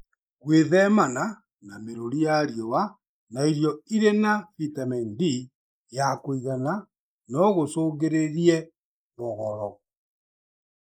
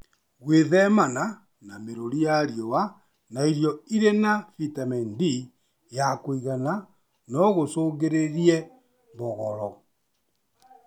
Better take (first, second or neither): second